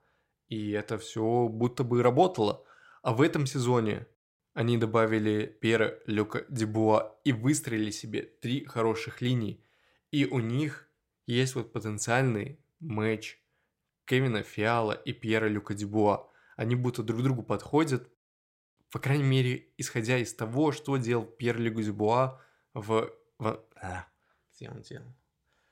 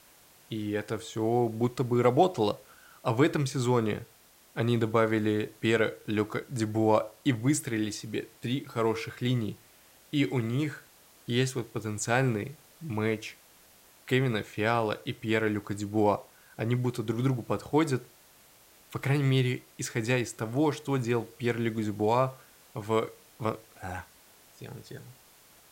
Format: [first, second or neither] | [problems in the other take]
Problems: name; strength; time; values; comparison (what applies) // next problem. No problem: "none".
first | hiss; faint; throughout; 25 dB below the speech